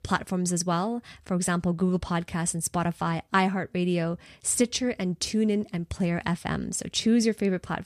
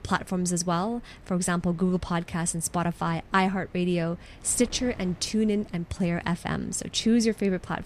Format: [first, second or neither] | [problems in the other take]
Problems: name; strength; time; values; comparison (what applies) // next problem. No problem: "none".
first | wind noise on the microphone; occasional gusts; 25 dB below the speech